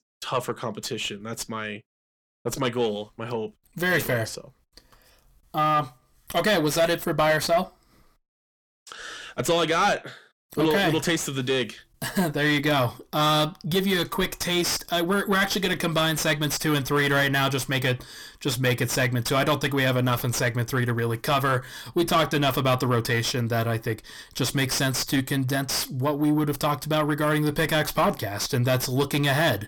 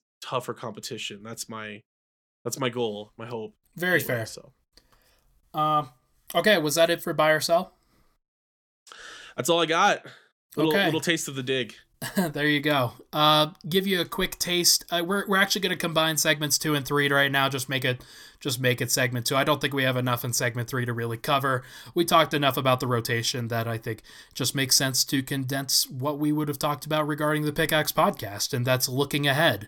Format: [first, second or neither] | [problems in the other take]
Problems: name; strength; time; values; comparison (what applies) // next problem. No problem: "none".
second | distortion; heavy; 7 dB below the speech